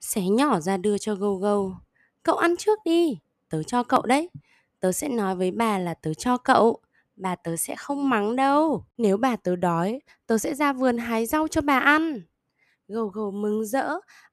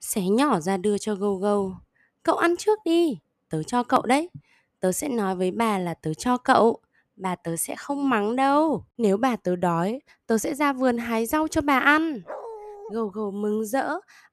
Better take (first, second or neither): first